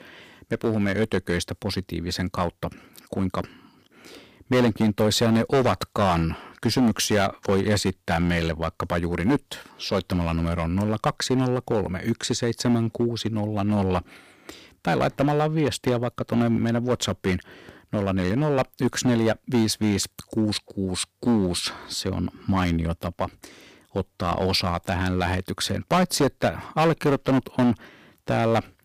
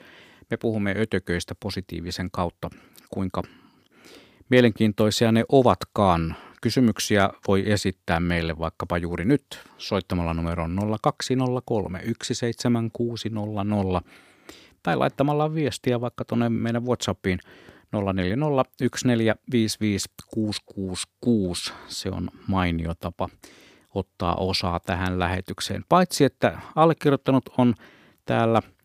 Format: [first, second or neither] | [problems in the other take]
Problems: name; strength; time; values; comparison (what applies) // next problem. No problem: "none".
second | distortion; heavy; 6% of the sound clipped